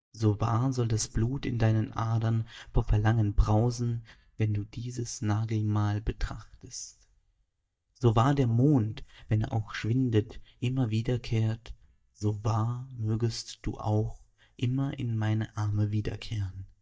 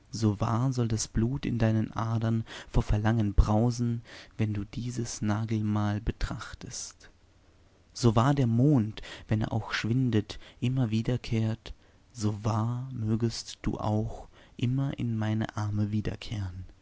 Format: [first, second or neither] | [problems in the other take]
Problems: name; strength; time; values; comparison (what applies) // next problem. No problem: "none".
second | noise reduction (neural mask model DeepFilterNet 3)